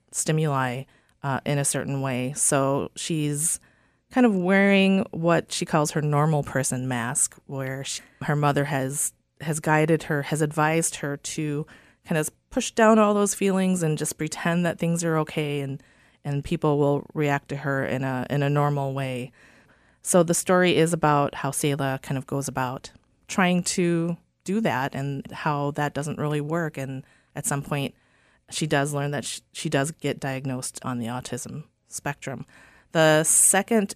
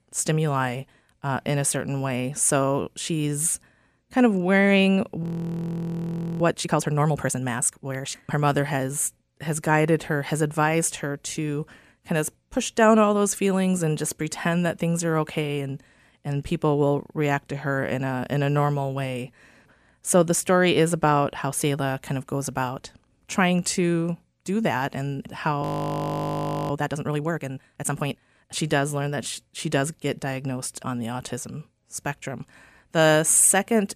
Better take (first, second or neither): first